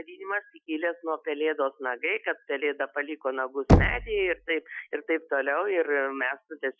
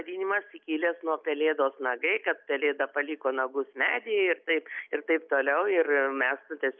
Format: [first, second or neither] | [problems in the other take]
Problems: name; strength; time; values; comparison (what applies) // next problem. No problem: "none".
second | noise reduction (classical method Wiener filter)